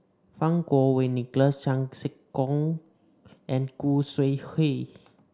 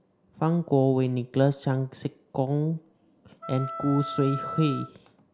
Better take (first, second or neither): first